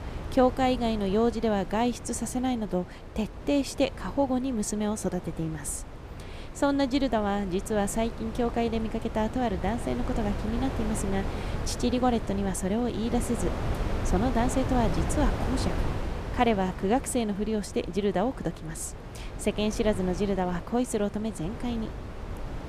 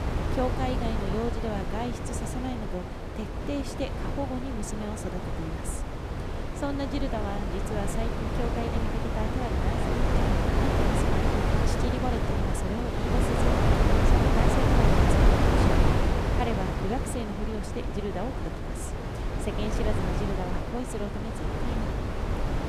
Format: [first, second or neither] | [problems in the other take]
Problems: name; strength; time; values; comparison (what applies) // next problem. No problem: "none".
first | wind noise on the microphone; heavy; 4 dB above the speech; occasional gusts in the first